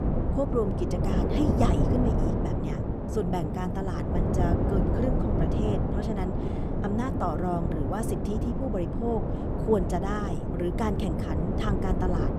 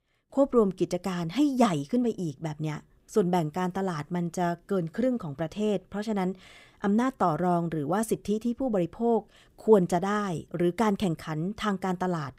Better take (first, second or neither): second